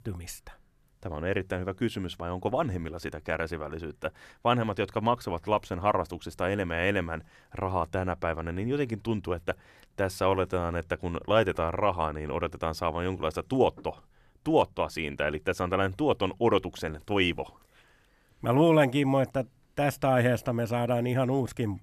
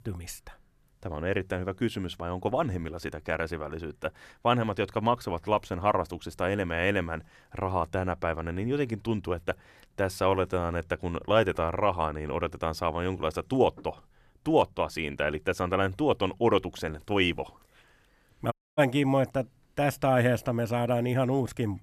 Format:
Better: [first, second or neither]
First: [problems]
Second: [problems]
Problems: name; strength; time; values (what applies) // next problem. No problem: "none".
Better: first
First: none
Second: audio cutting out; at 19 s